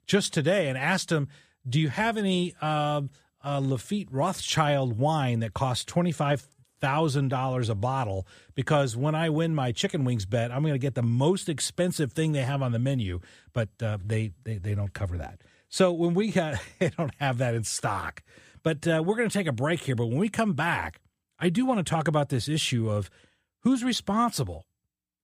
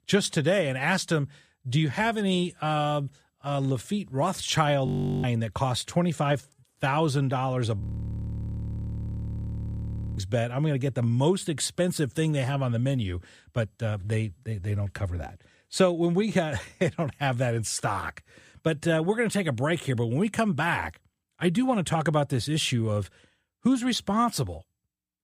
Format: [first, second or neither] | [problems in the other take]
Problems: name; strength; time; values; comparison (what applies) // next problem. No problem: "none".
first | audio freezing; at 5 s and at 8 s for 2.5 s